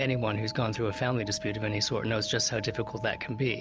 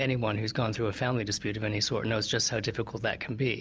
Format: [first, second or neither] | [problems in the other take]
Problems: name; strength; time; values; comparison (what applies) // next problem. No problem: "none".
second | background sound (Alarm); 15 dB below the speech